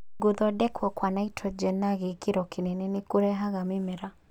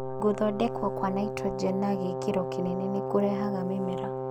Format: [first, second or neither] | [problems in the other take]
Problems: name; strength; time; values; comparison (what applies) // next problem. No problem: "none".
first | background sound (Brass instrument); 3 dB below the speech